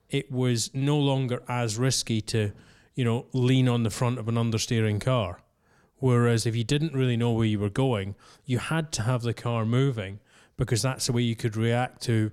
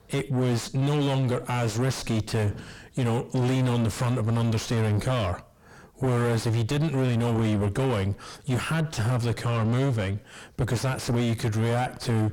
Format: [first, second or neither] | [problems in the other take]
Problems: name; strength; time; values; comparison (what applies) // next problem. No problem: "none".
first | distortion; heavy; 6 dB below the speech